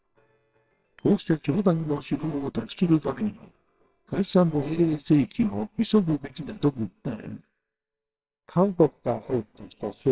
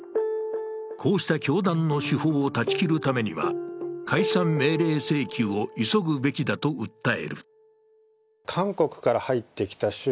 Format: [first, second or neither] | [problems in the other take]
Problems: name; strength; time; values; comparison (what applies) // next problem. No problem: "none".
second | noise reduction (neural separator model SepFormer WHAMR!)